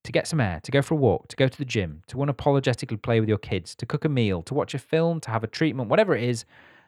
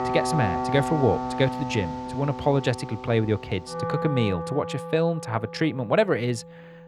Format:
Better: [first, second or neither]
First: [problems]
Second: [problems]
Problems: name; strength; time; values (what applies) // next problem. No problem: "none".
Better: first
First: none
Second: background music; loud; throughout; 6 dB below the speech